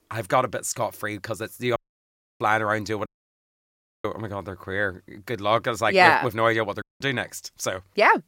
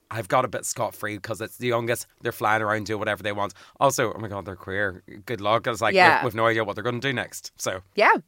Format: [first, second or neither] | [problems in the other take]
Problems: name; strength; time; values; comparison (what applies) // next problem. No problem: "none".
second | audio cutting out; at 2 s for 0.5 s, at 3 s for 1 s and at 7 s